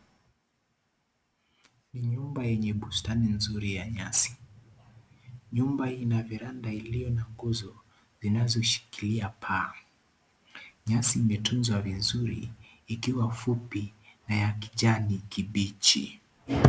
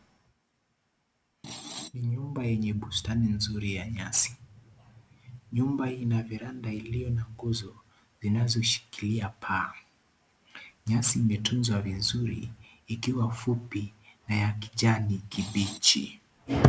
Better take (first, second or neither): first